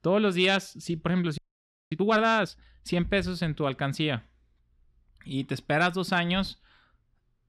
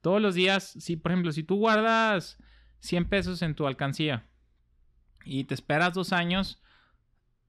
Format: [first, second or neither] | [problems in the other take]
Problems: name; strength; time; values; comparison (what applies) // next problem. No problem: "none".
second | audio freezing; at 1.5 s for 0.5 s